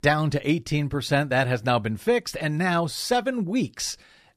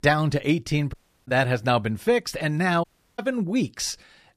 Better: first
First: none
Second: audio cutting out; at 1 s and at 3 s

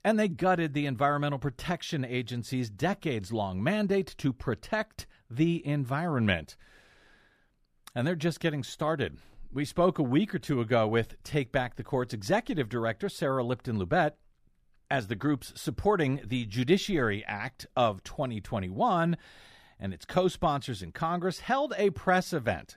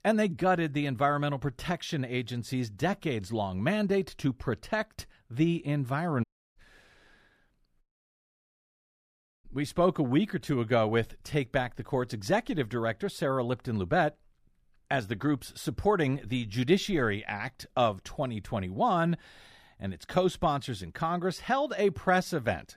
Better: first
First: none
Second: audio cutting out; at 6 s and at 8 s for 1.5 s

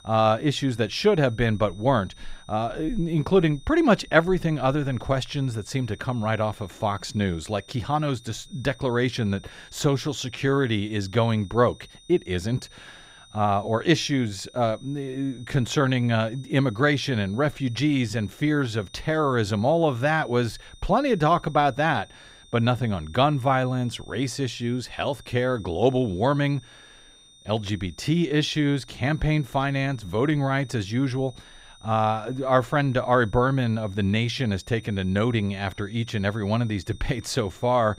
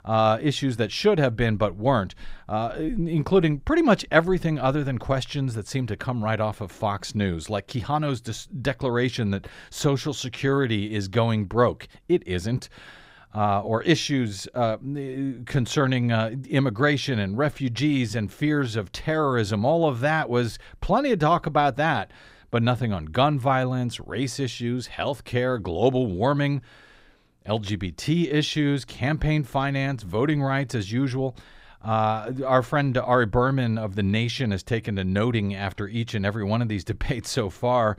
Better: second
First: high-pitched whine; faint; throughout; 3.5 kHz, 25 dB below the speech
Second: none

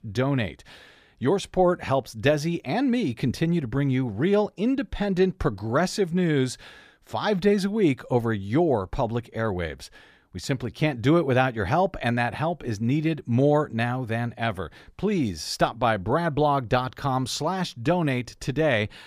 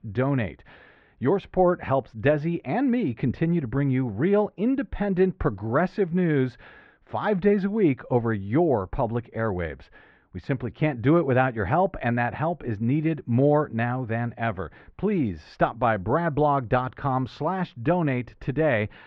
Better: first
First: none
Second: muffled; very; fading above 2.5 kHz

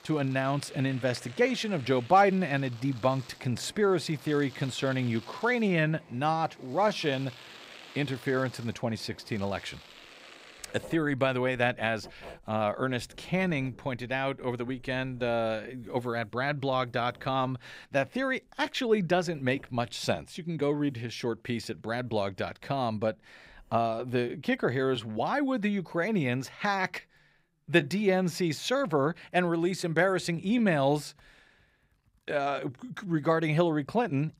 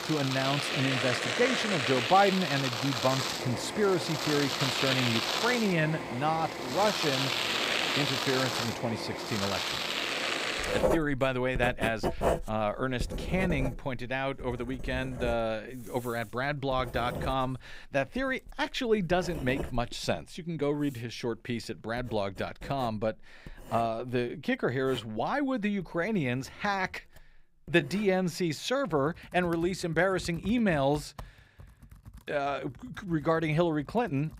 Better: first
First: household noises; faint; throughout; 20 dB below the speech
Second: household noises; loud; throughout; 1 dB below the speech

